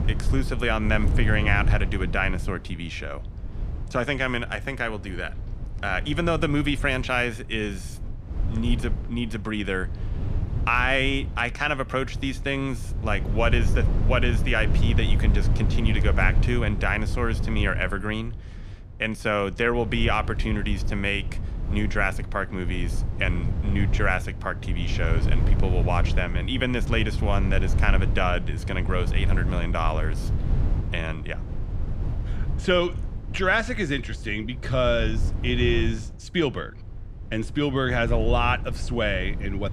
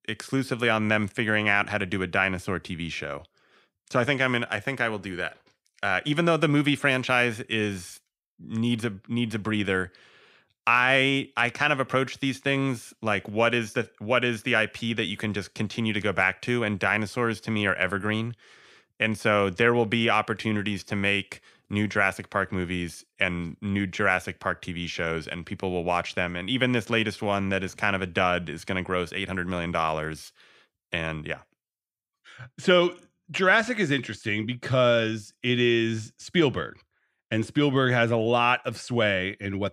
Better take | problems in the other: second | low rumble; noticeable; throughout; 15 dB below the speech

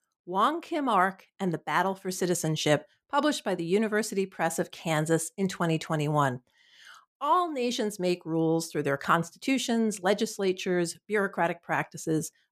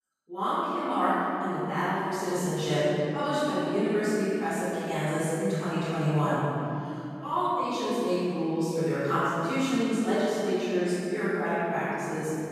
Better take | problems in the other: first | room echo; strong; dies away in 3 s // off-mic speech; far

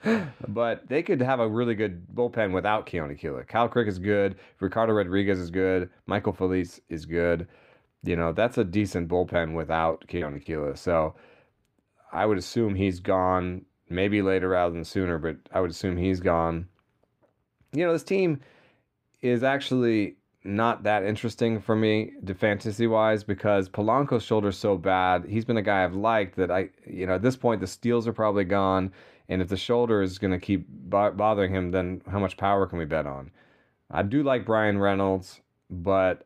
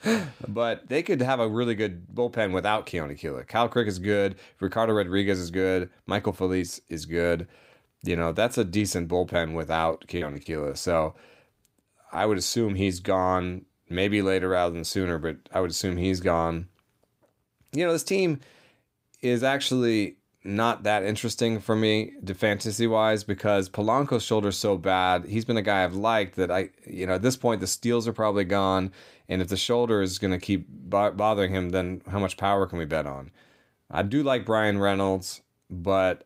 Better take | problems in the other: second | muffled; slightly; fading above 4 kHz

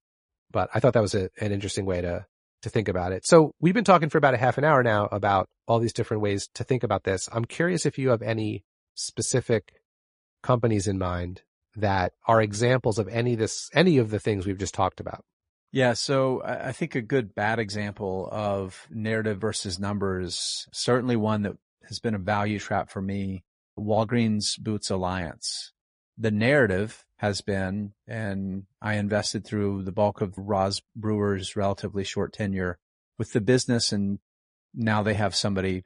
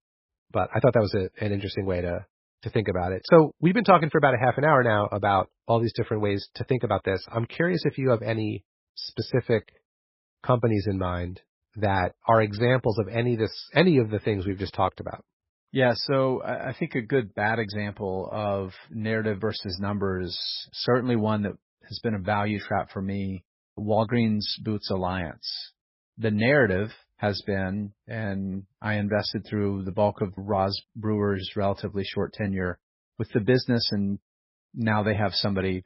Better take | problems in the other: first | garbled, watery; badly; nothing above 5.5 kHz; slightly in the first

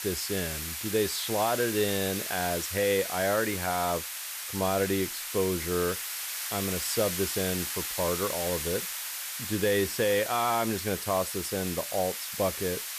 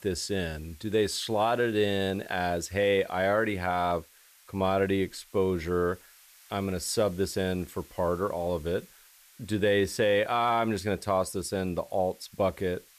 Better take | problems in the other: second | hiss; loud; throughout; 3 dB below the speech; faint in the second

